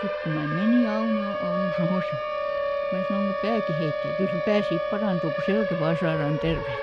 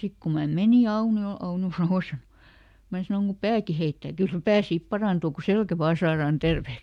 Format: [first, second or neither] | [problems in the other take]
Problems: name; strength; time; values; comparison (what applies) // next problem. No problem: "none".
second | background sound (Siren); 1 dB below the speech